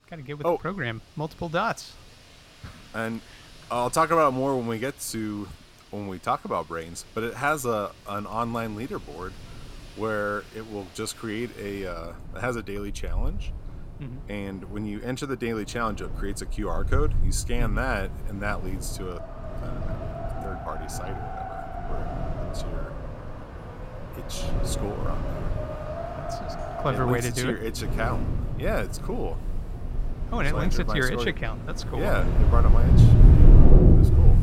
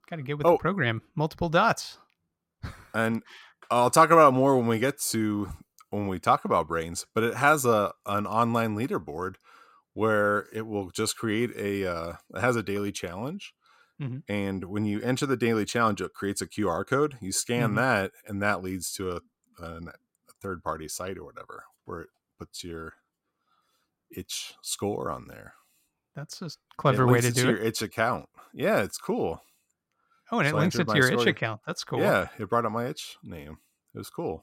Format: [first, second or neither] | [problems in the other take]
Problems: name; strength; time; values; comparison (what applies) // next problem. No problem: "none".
second | wind in the background; very loud; throughout; 4 dB above the speech